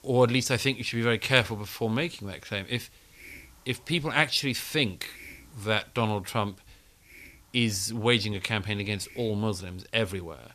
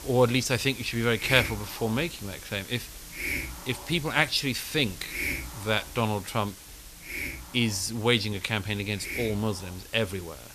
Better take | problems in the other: first | hiss; loud; throughout; 9 dB below the speech; faint in the first

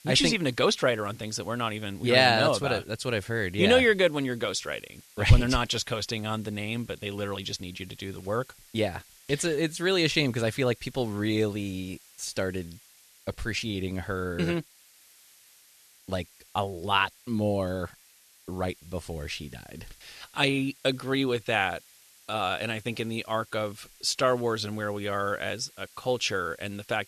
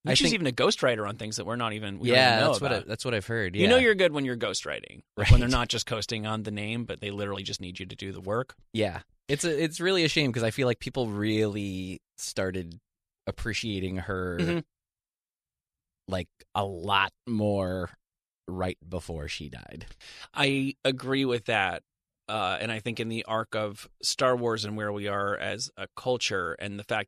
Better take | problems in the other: second | hiss; faint; throughout; 25 dB below the speech

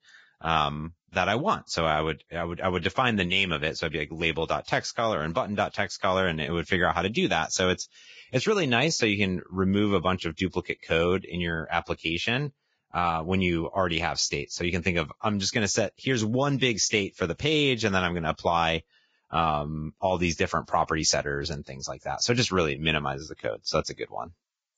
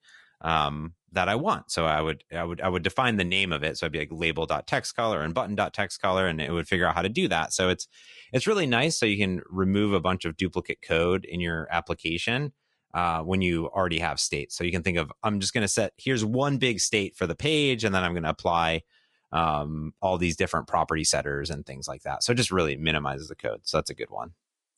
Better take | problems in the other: second | garbled, watery; badly; nothing above 7.5 kHz; slightly in the second

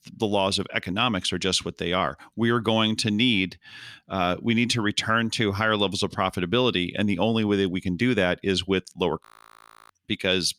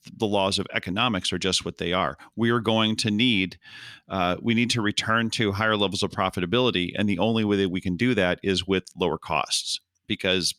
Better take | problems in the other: second | audio freezing; at 9 s for 0.5 s

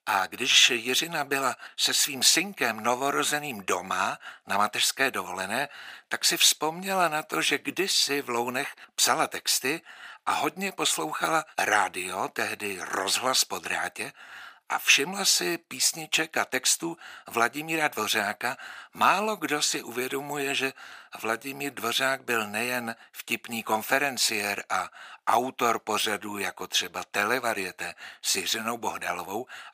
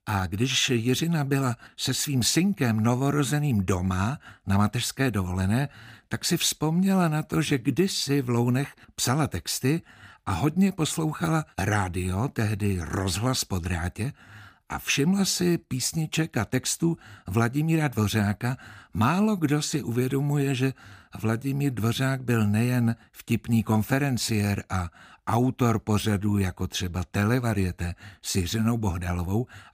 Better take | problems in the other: second | thin; very; fading below 650 Hz

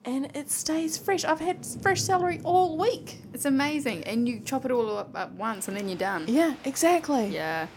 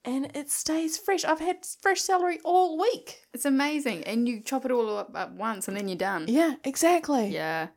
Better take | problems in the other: second | rain or running water; noticeable; throughout; 15 dB below the speech

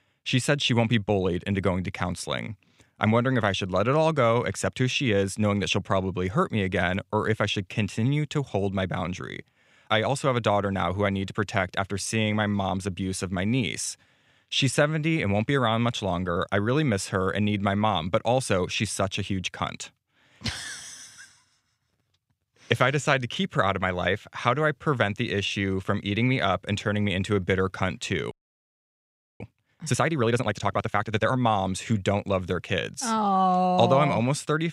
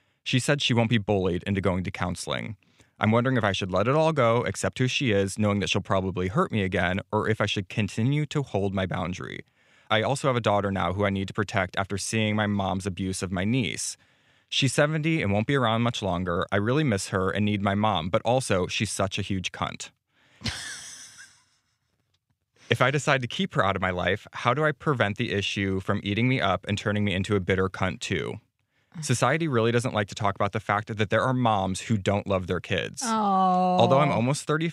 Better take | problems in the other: second | audio freezing; at 28 s for 1 s

